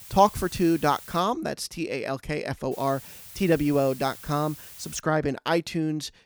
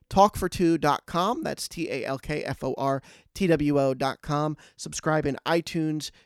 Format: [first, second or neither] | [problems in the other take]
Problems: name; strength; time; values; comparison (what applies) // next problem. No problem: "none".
second | hiss; noticeable; until 1 s and from 2.5 to 5 s; 15 dB below the speech